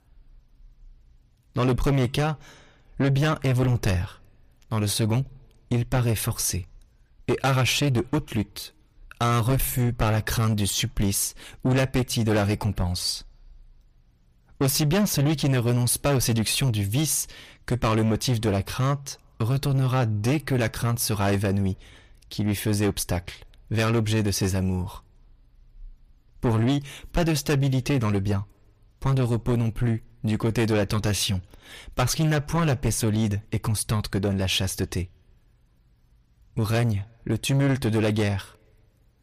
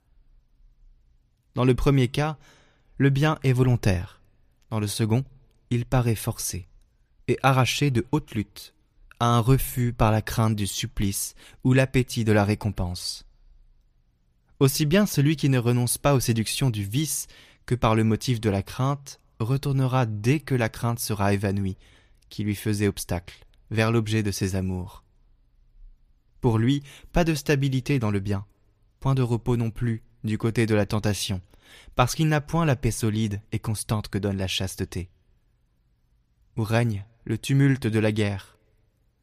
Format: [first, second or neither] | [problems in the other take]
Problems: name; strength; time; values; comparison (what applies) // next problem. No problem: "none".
second | distortion; heavy; 7 dB below the speech